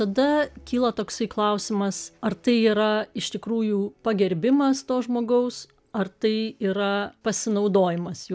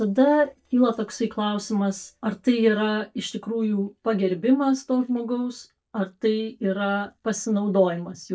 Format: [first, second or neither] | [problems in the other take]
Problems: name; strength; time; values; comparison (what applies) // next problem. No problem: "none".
first | noise reduction (neural mask model DeepFilterNet 3)